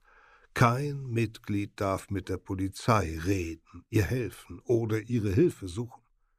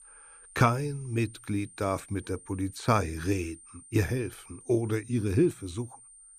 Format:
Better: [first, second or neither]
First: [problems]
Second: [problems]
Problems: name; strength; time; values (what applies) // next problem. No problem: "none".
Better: first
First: none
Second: high-pitched whine; noticeable; throughout; 9 kHz, 20 dB below the speech